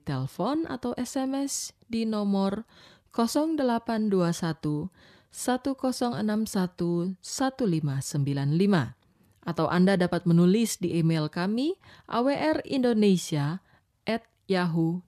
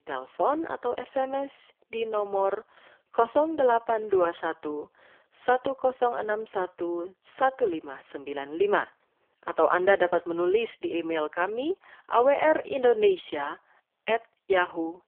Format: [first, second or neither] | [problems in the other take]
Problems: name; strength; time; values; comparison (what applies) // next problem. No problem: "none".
first | phone-call audio; poor line; nothing above 3.5 kHz